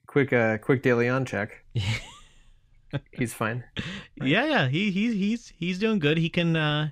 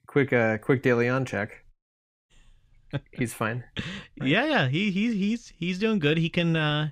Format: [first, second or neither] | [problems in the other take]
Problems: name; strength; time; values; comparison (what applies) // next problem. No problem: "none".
first | audio cutting out; at 1.5 s for 0.5 s